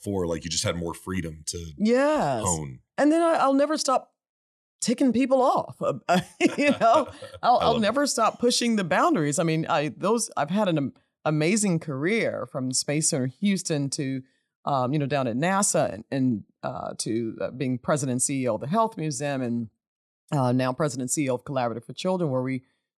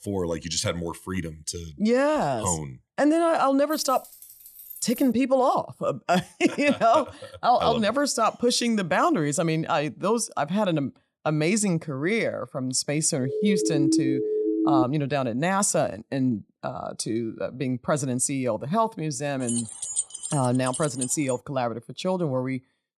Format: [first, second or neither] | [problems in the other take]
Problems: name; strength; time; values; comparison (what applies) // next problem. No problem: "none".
first | jangling keys; faint; from 3.5 to 5 s; peak 15 dB below the speech // siren; loud; from 13 to 15 s; peak 2 dB above the speech // jangling keys; noticeable; from 19 to 21 s; peak 2 dB below the speech